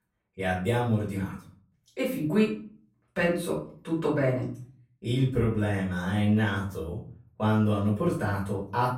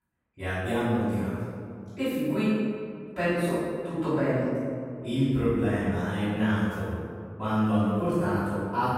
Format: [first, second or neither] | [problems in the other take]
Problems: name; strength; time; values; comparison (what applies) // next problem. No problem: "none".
first | room echo; strong; dies away in 2 s; slight in the first // off-mic speech; far; far in the first